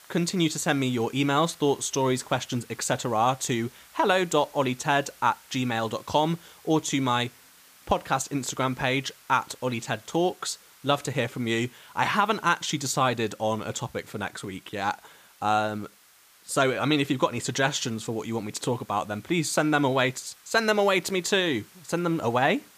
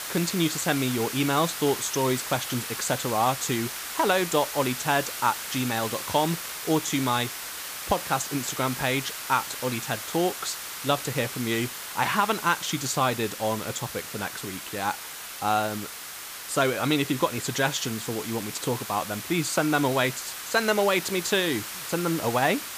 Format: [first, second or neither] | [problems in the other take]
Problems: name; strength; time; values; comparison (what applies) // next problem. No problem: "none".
first | hiss; loud; throughout; 7 dB below the speech; faint in the first